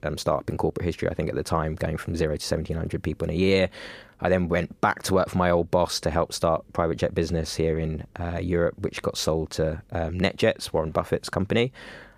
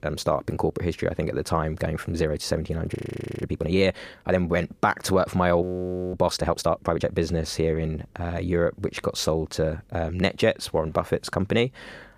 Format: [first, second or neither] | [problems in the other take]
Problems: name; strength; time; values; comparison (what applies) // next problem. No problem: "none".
first | audio freezing; at 3 s and at 5.5 s for 0.5 s